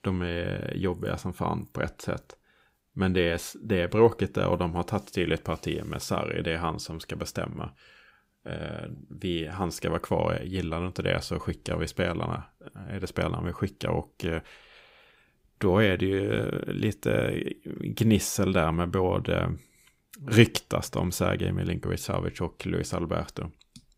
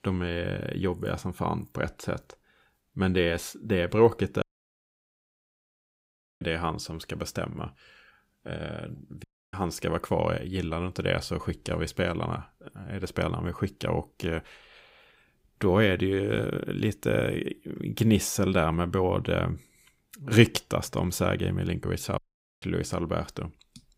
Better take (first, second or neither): first